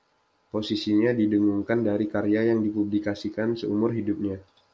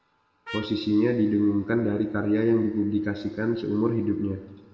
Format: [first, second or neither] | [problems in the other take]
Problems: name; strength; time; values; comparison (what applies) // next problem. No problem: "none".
first | background sound (Trumpet); 18 dB below the speech // room echo; dies away in 2 s